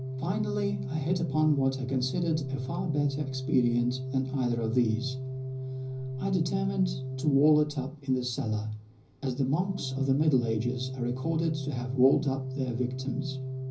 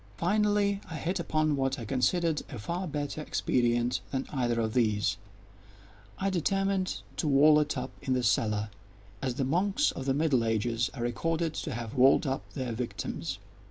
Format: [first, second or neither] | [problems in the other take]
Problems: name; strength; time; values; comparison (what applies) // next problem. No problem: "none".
second | background sound (Organ); 6 dB below the speech // room echo; dies away in 0.5 s